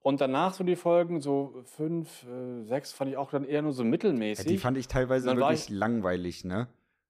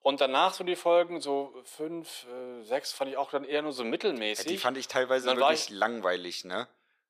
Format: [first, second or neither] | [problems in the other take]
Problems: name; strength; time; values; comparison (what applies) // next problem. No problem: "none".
first | thin; somewhat; fading below 550 Hz